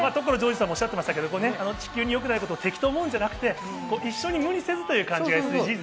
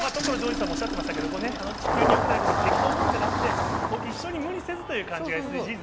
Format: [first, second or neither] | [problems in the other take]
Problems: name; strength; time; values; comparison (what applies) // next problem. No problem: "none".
first | background sound (Engine starting); 4 dB above the speech